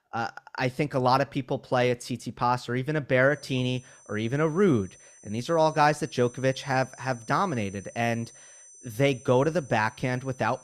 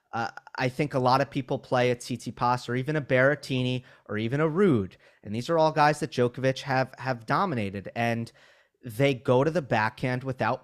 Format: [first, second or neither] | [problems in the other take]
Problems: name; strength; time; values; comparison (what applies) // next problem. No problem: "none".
second | high-pitched whine; faint; from 3.5 s on; 6 kHz, 20 dB below the speech